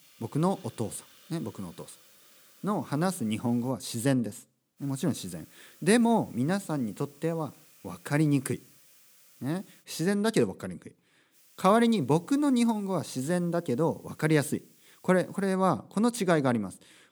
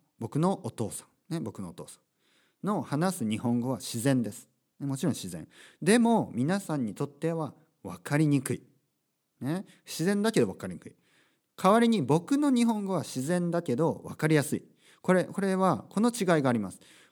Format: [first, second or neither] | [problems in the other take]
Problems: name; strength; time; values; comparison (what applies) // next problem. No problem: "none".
second | hiss; faint; until 3.5 s, from 5 to 10 s and from 11 to 16 s; 25 dB below the speech